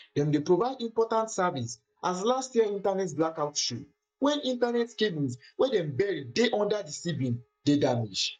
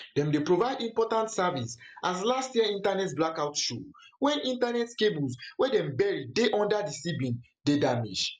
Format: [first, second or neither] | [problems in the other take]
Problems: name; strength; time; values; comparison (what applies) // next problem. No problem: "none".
second | noise reduction (neural mask model DeepFilterNet 3)